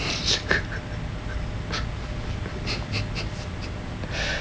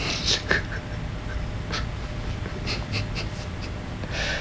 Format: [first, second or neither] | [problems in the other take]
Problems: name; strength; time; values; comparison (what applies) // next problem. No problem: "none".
second | background sound (Thunder); 18 dB below the speech